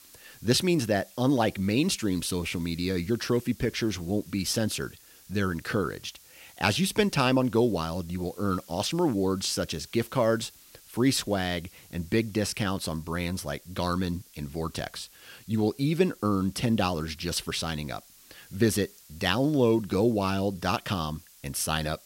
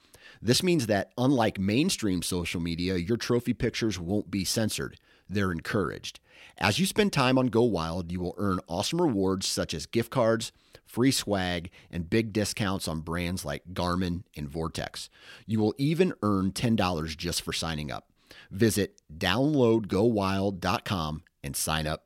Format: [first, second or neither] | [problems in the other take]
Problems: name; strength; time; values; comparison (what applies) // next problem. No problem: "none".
second | hiss; faint; throughout; 25 dB below the speech